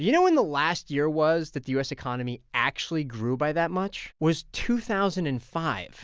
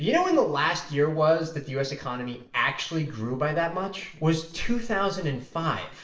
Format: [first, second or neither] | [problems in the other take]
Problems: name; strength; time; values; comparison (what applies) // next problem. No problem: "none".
first | noise reduction (neural separator model SepFormer DNS4)